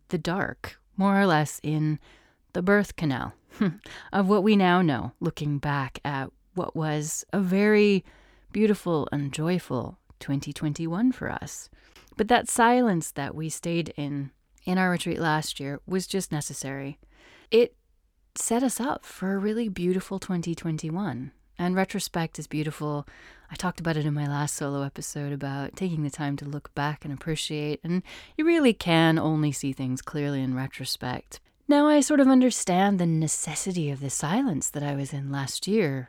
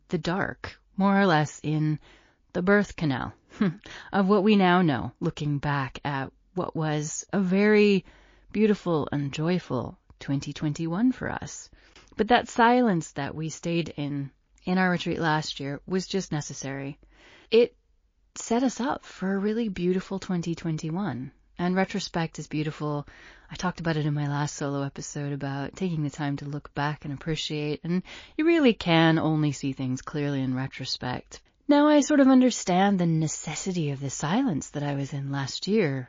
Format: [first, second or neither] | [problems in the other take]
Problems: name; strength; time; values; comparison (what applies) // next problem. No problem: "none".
first | garbled, watery; slightly